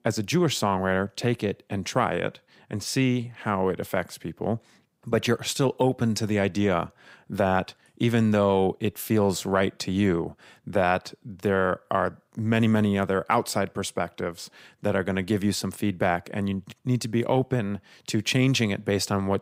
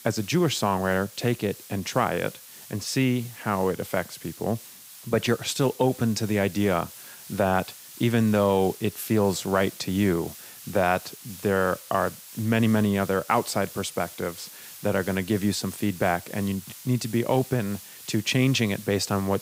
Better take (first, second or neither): first